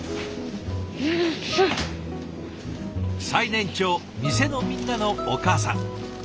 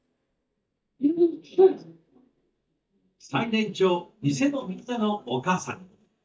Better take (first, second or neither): first